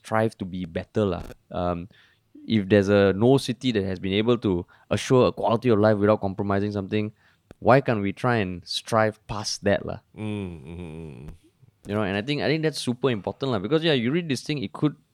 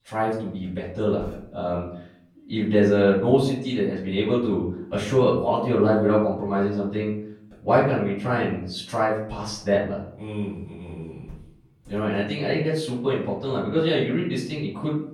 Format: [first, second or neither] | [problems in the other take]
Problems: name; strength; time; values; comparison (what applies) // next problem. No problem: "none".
first | room echo; noticeable; dies away in 0.6 s // off-mic speech; far